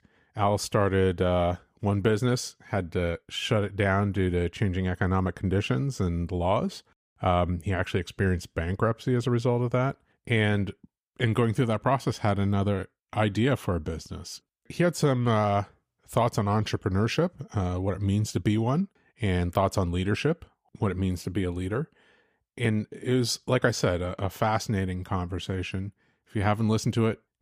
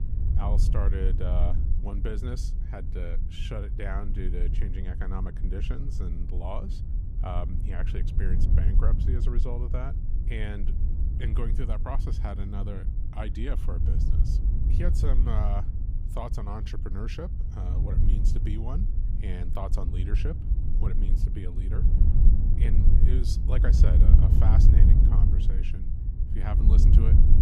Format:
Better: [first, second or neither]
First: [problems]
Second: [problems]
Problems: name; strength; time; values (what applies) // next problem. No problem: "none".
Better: first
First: none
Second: wind noise on the microphone; heavy; 3 dB below the speech